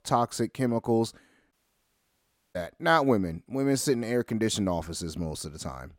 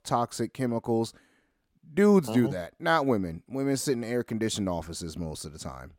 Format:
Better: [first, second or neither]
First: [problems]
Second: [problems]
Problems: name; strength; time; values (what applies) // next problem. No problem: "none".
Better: second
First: audio cutting out; at 1.5 s for 1 s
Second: none